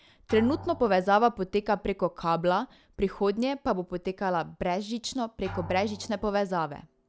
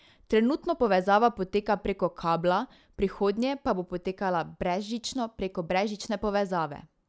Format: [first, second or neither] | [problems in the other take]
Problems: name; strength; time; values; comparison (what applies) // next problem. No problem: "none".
second | background sound (Drum); 19 dB below the speech